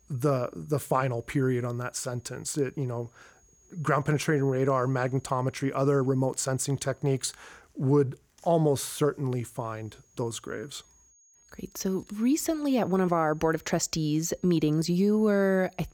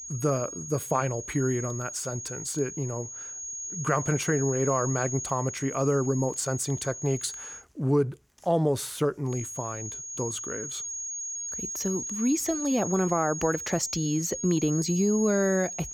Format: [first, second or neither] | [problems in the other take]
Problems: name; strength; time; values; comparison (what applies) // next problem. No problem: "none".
first | high-pitched whine; loud; until 7.5 s and from 9.5 s on; 6.5 kHz, 6 dB below the speech; faint in the first